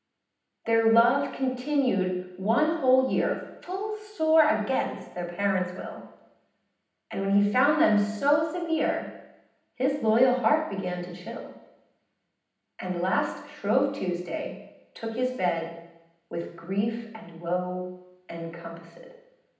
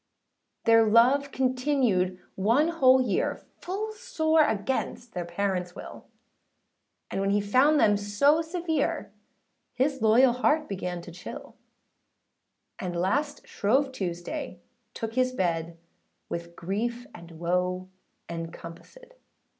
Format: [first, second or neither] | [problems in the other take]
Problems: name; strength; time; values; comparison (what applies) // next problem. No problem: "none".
second | room echo; dies away in 0.9 s